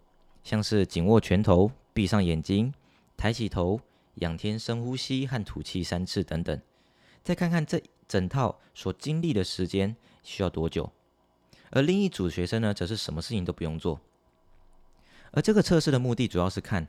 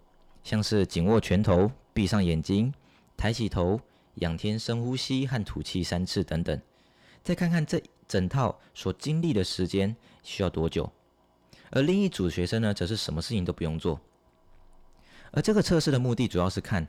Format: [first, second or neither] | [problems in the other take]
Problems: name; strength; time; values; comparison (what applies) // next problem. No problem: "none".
first | distortion; slight; 10 dB below the speech